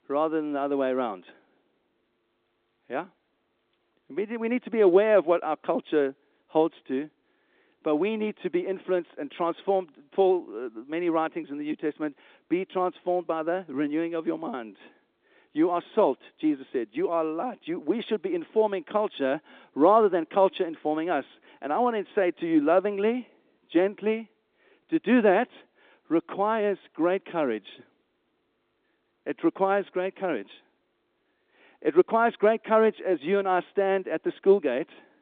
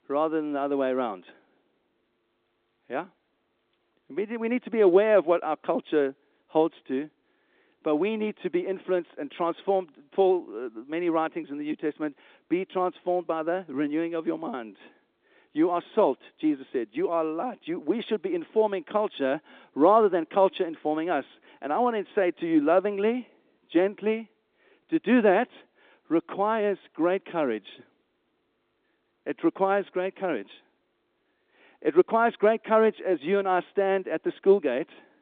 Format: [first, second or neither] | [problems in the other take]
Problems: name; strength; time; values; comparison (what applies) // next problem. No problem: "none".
neither | phone-call audio; nothing above 3.5 kHz; the same in both